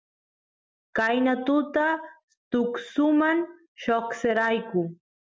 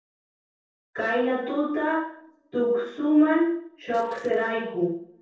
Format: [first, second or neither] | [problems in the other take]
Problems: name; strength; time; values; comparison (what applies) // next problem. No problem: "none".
first | noise reduction (neural separator model SepFormer DNS4)